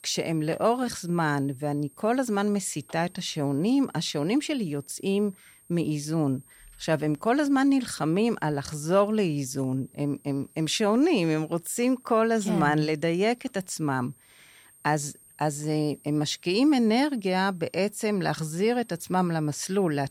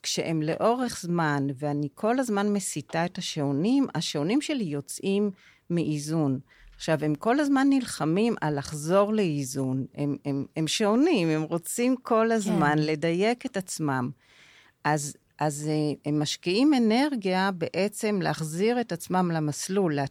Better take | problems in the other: second | high-pitched whine; faint; throughout; 8.5 kHz, 30 dB below the speech

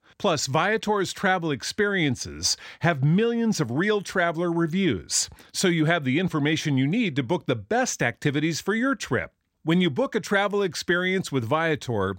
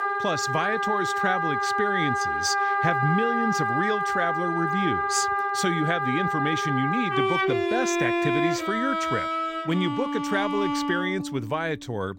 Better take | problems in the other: first | background music; very loud; throughout; 2 dB above the speech

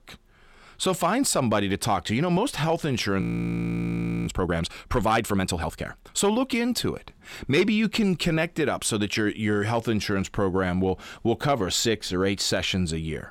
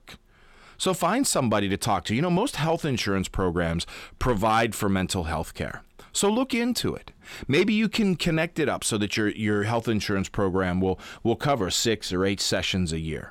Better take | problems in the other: second | audio freezing; at 3 s for 1 s

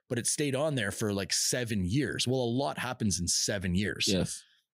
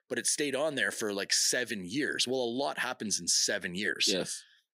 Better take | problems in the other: first | thin; somewhat; fading below 350 Hz

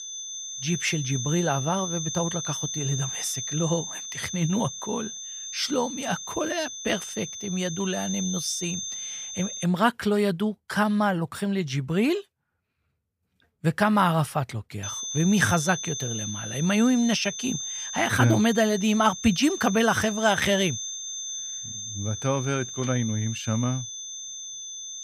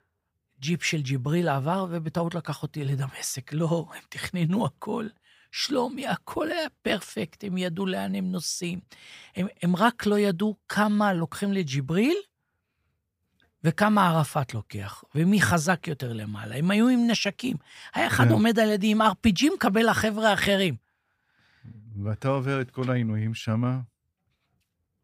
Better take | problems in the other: second | high-pitched whine; loud; until 9.5 s and from 15 s on; 6 kHz, 6 dB below the speech

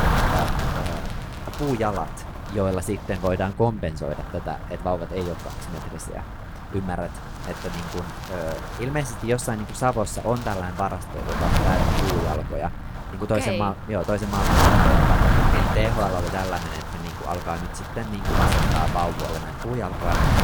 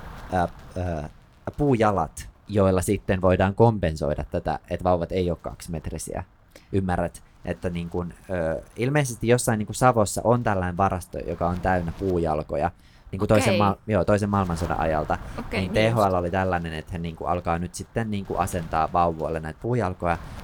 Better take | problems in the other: second | wind noise on the microphone; heavy; 1 dB above the speech; occasional gusts in the second

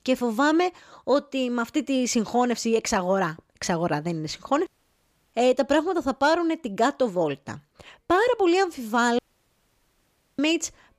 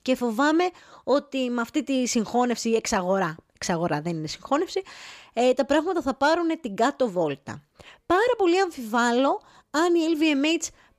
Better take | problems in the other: second | audio cutting out; at 4.5 s for 0.5 s and at 9 s for 1 s

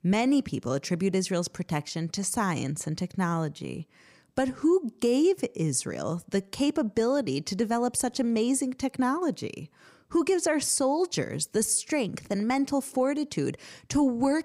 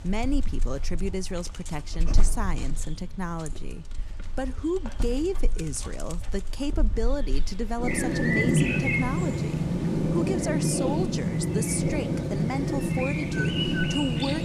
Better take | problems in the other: first | animal sounds; very loud; throughout; 4 dB above the speech

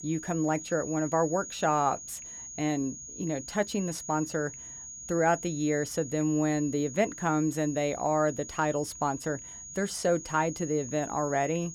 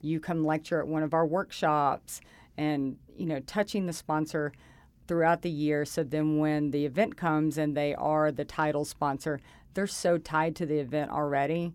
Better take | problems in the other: second | high-pitched whine; noticeable; throughout; 6.5 kHz, 10 dB below the speech

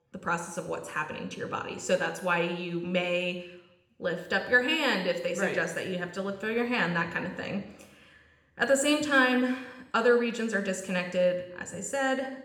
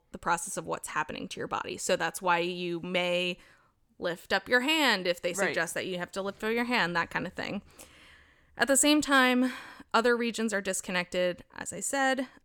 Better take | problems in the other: second | room echo; slight; dies away in 0.7 s // off-mic speech; somewhat distant

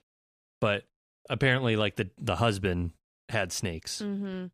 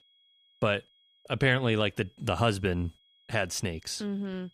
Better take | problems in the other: first | high-pitched whine; faint; throughout; 3.5 kHz, 35 dB below the speech

